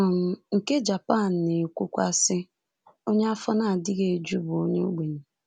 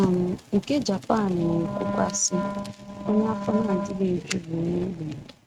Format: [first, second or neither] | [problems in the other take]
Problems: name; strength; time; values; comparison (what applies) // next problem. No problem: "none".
first | noise reduction (neural mask model RNNoise)